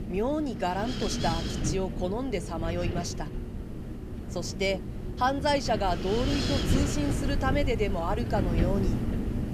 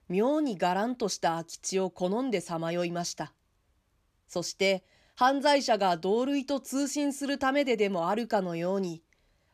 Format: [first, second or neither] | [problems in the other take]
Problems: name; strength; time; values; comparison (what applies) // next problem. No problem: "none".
second | wind noise on the microphone; heavy; 7 dB below the speech